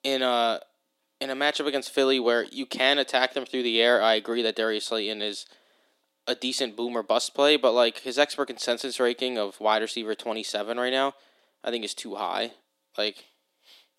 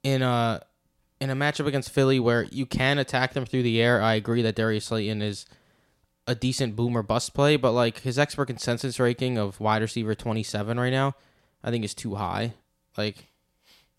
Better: second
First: thin; somewhat; fading below 250 Hz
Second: none

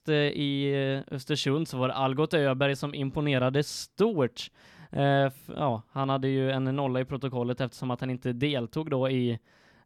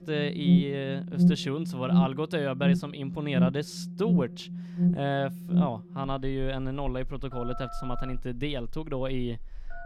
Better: first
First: none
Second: alarms or sirens; very loud; throughout; 5 dB above the speech

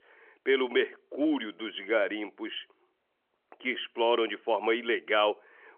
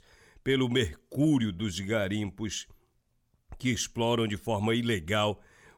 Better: second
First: phone-call audio; nothing above 3.5 kHz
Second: none

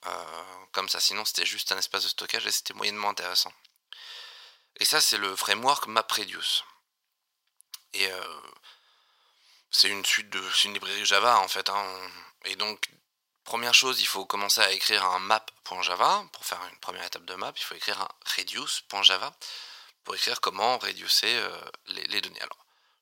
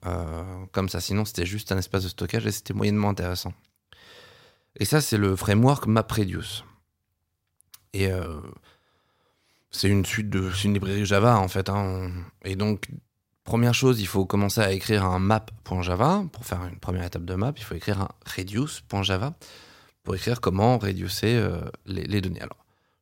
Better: second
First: thin; very; fading below 900 Hz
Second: none

